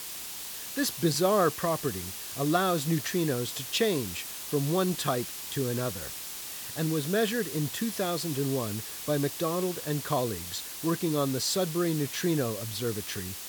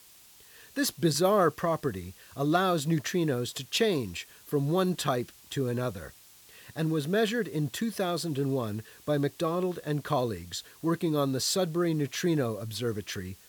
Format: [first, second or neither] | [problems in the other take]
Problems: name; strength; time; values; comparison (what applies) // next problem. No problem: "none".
second | hiss; loud; throughout; 6 dB below the speech; faint in the second